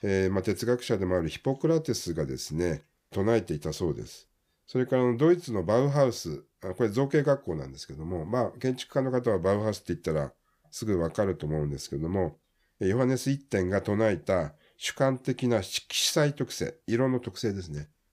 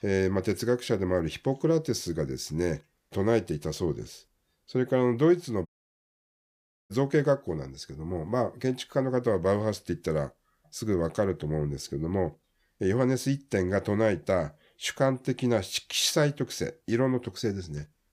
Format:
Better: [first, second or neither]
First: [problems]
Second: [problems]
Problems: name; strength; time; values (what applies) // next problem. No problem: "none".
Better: first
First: none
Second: audio cutting out; at 5.5 s for 1 s